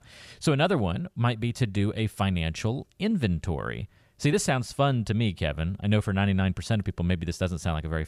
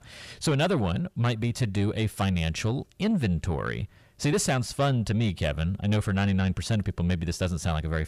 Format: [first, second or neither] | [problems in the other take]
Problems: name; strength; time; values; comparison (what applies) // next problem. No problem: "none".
first | distortion; slight; 10 dB below the speech